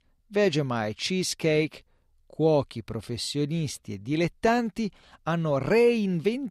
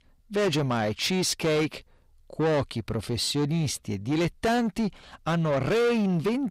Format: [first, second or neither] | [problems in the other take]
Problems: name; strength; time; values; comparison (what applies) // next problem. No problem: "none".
first | distortion; heavy; 8 dB below the speech